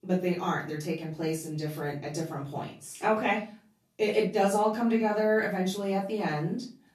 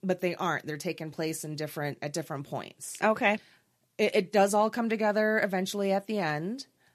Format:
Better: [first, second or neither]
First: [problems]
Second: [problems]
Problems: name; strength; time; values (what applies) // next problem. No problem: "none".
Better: second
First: room echo; slight; dies away in 0.3 s // off-mic speech; far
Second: none